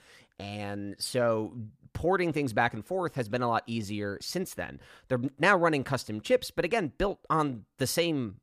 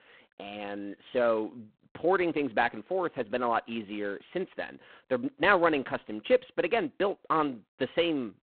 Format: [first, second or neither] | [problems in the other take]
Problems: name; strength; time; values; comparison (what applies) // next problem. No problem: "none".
first | phone-call audio; poor line